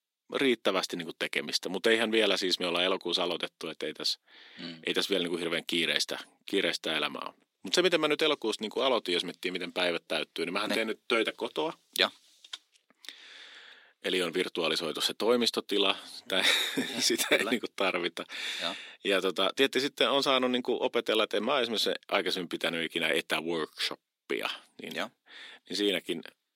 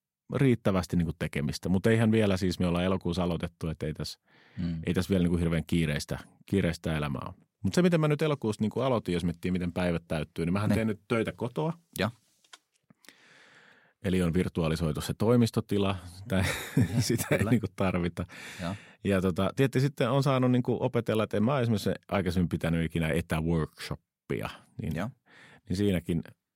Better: second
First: thin; somewhat; fading below 300 Hz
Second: none

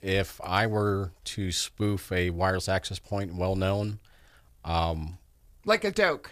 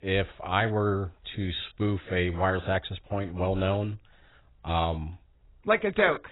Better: first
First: none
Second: garbled, watery; badly; nothing above 4 kHz

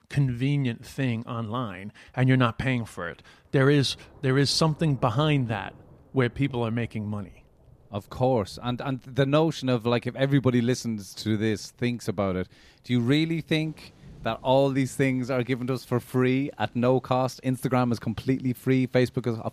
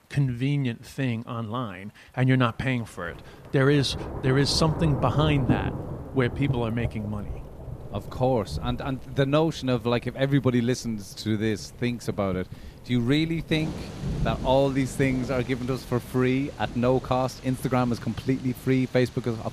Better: first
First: rain or running water; faint; throughout; 25 dB below the speech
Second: rain or running water; loud; throughout; 10 dB below the speech

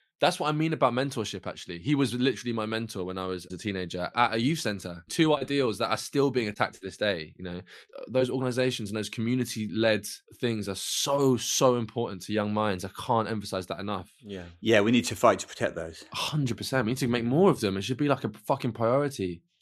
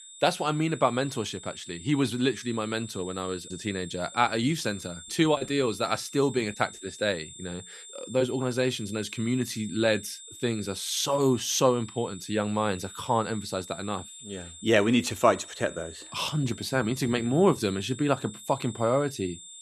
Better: first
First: none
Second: high-pitched whine; noticeable; throughout; 7.5 kHz, 15 dB below the speech

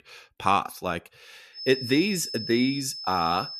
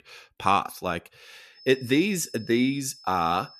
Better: second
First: high-pitched whine; loud; from 1.5 s on; 5 kHz, 8 dB below the speech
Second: high-pitched whine; faint; from 1.5 s on; 5 kHz, 20 dB below the speech

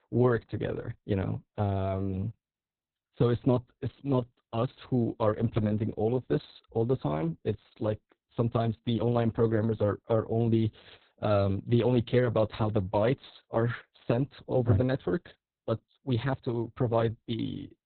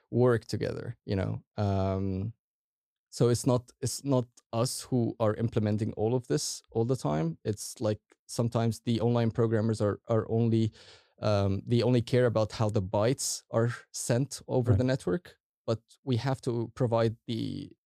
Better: second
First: garbled, watery; badly; nothing above 4 kHz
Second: none

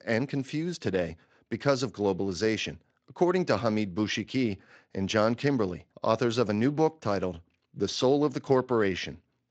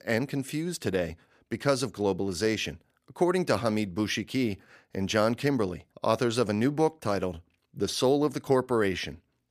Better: second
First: garbled, watery; slightly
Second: none

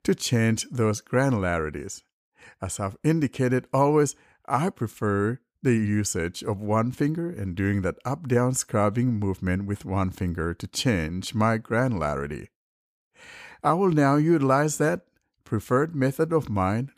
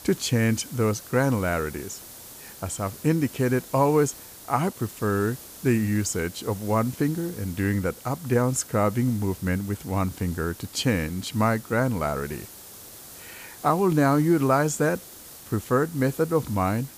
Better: first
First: none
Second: hiss; noticeable; throughout; 15 dB below the speech

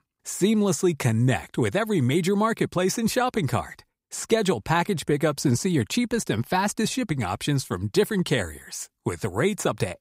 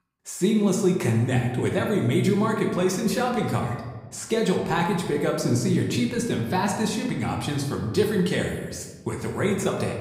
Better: first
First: none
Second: room echo; noticeable; dies away in 1 s // off-mic speech; somewhat distant

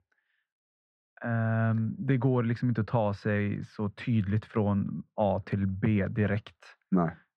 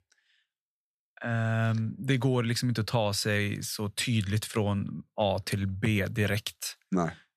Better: second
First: muffled; very; fading above 1.5 kHz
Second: none

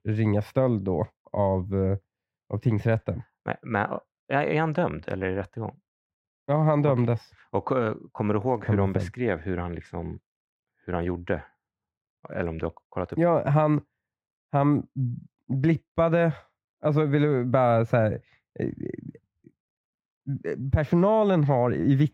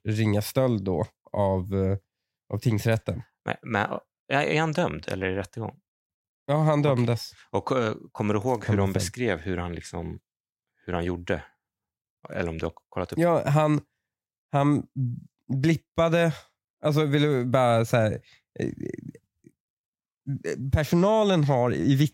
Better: second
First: muffled; very; fading above 3.5 kHz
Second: none

